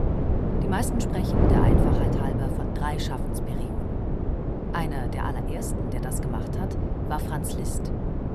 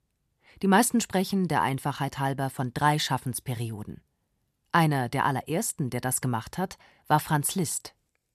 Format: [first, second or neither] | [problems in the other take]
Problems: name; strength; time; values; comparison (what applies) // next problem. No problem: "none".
second | wind noise on the microphone; heavy; 2 dB above the speech